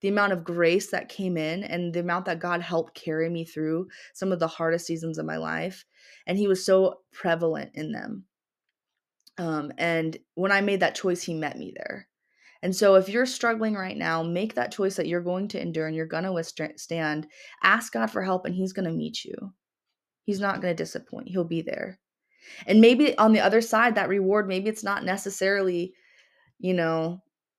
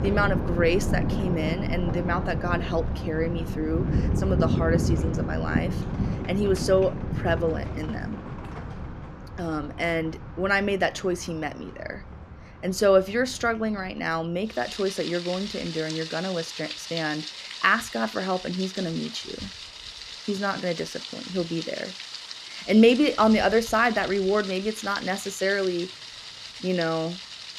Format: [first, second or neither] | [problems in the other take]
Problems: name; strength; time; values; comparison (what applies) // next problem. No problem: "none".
first | rain or running water; loud; throughout; 6 dB below the speech